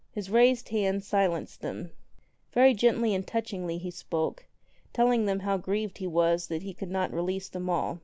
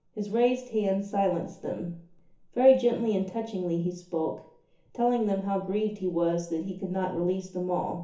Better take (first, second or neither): first